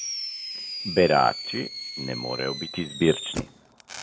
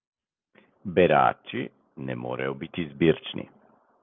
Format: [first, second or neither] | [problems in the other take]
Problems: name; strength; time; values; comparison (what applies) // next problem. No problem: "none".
second | background sound (Fireworks); 8 dB below the speech